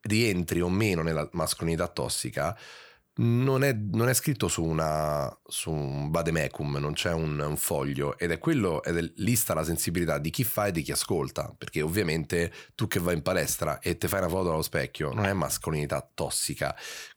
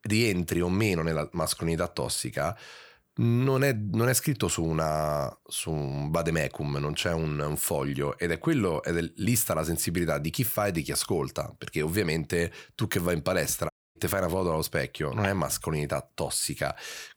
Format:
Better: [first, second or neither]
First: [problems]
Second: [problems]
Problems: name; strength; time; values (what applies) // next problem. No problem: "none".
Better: first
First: none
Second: audio cutting out; at 14 s